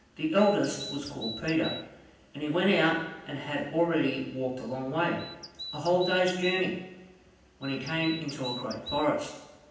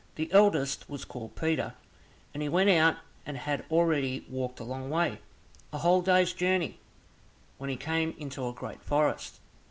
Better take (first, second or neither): second